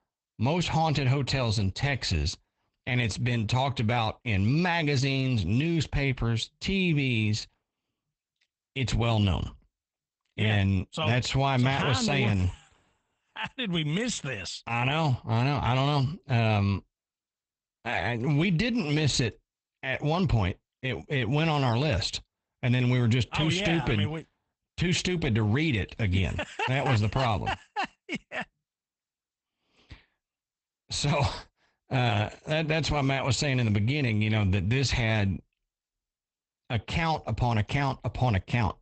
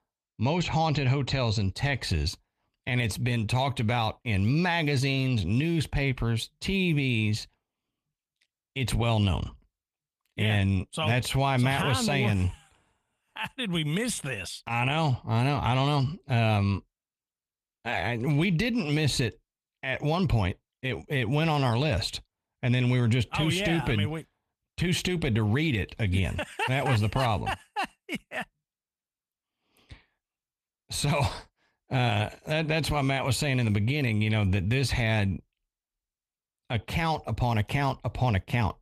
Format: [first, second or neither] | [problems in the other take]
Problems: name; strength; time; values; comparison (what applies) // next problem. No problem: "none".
second | garbled, watery; badly; nothing above 8 kHz; slightly in the second